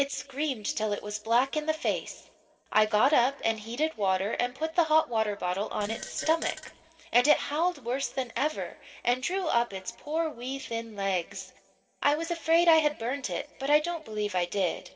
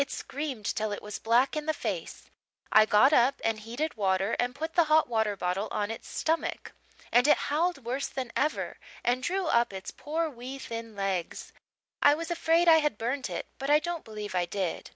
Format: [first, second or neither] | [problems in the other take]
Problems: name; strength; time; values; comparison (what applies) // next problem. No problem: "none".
second | noise reduction (neural separator model SepFormer DNS4)